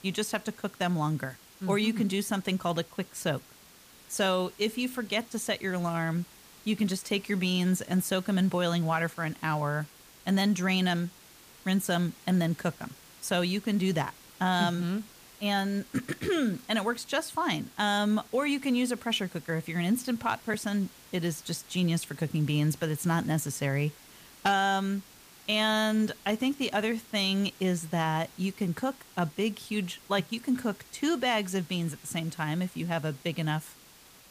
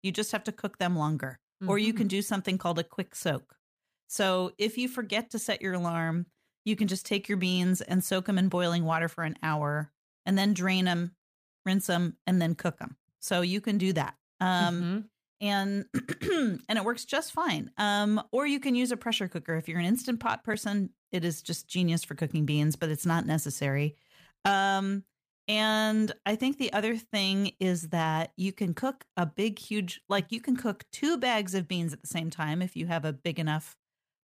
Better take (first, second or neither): second